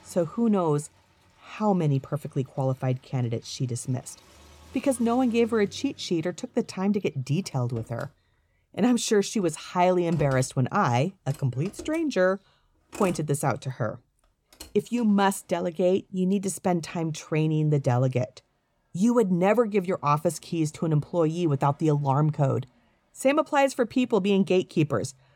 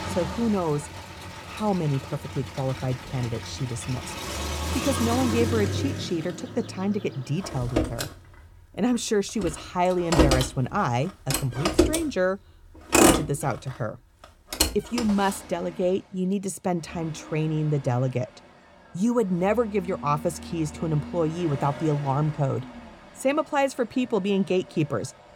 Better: first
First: traffic noise; faint; throughout; 25 dB below the speech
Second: traffic noise; loud; throughout; 2 dB below the speech

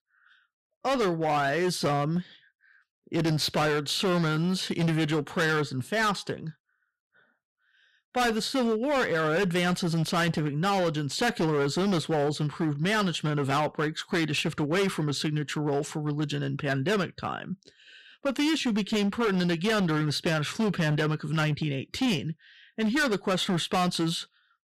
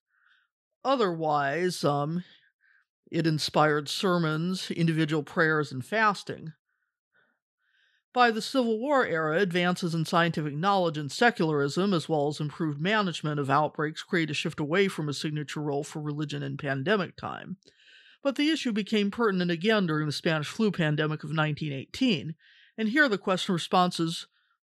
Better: second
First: distortion; heavy; 15% of the sound clipped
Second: none

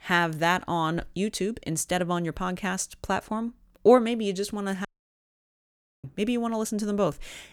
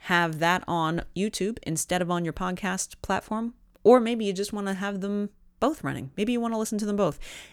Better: second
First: audio cutting out; at 5 s for 1 s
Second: none

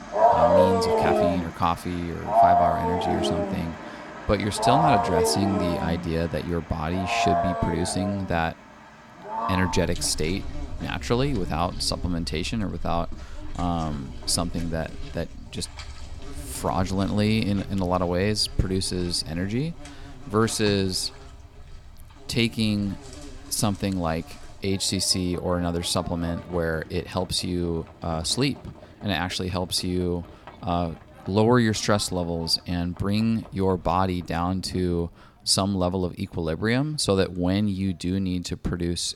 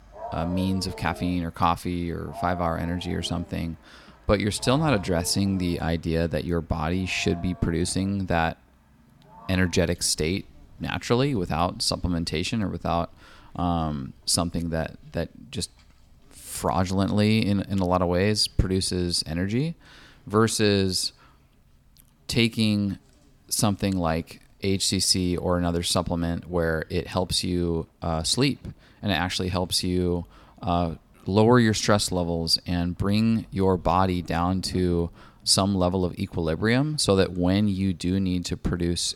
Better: second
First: animal sounds; loud; throughout; 1 dB below the speech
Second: animal sounds; faint; throughout; 20 dB below the speech

